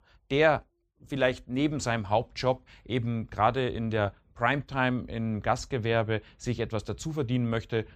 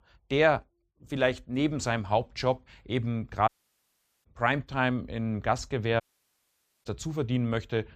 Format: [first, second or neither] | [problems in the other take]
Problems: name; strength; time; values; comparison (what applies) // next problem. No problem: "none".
first | audio cutting out; at 3.5 s for 1 s and at 6 s for 1 s